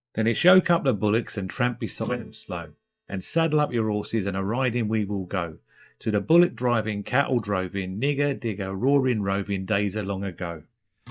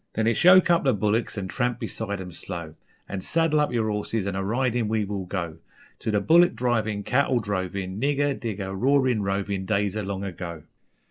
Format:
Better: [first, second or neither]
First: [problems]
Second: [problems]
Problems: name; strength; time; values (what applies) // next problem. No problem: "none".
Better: second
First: noise reduction (neural mask model DeepFilterNet 3)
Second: none